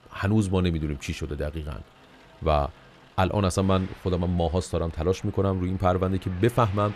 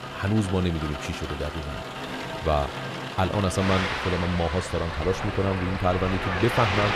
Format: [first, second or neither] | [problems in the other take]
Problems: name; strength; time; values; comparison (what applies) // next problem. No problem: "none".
first | rain or running water; loud; throughout; 4 dB below the speech; faint in the first